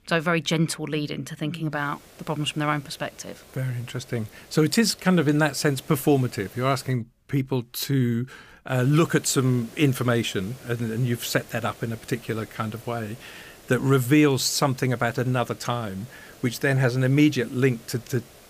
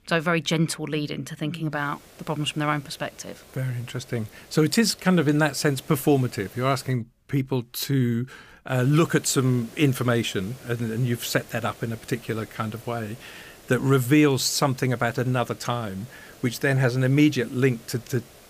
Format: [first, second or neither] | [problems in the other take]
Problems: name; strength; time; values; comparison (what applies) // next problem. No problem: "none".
neither | hiss; faint; from 2 to 7 s and from 8.5 s on; 25 dB below the speech; the same in both